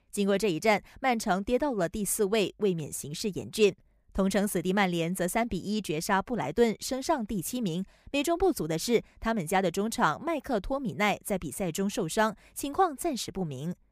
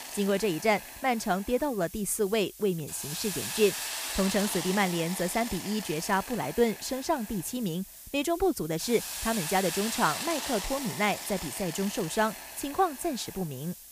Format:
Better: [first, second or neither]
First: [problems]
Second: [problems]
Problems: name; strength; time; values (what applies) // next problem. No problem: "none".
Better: first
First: none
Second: hiss; loud; throughout; 7 dB below the speech